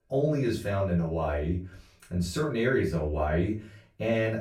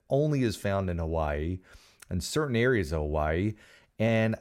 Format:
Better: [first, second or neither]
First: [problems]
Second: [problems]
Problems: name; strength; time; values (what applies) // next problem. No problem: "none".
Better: second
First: off-mic speech; far // room echo; slight; dies away in 0.3 s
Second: none